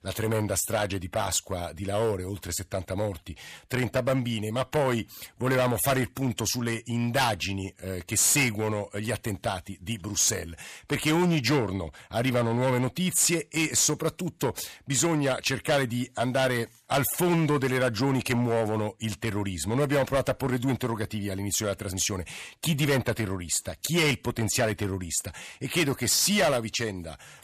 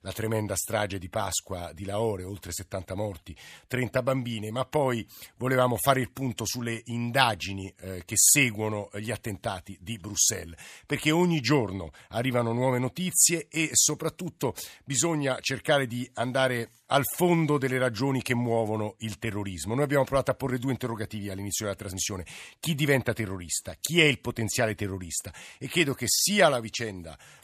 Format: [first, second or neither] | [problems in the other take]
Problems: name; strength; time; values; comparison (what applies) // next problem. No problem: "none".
second | distortion; heavy; 8% of the sound clipped